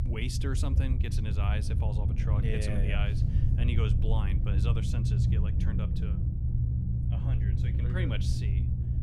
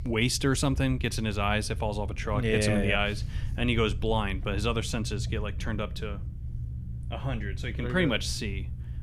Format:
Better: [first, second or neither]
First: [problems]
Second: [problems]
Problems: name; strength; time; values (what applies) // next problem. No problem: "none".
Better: second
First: low rumble; loud; throughout; 2 dB below the speech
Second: low rumble; faint; throughout; 20 dB below the speech